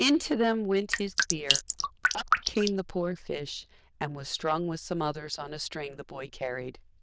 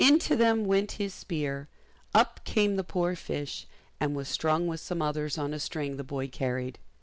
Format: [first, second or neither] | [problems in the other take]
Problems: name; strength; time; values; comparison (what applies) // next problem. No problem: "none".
second | noise reduction (neural diffusion model UNIVERSE++)